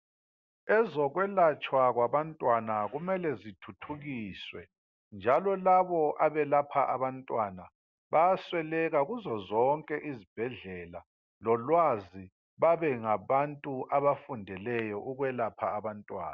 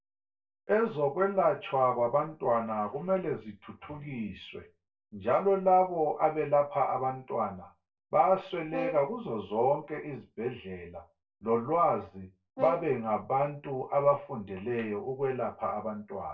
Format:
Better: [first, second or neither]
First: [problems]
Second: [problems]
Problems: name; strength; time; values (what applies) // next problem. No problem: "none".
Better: first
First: none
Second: noise reduction (neural separator model SepFormer DNS4)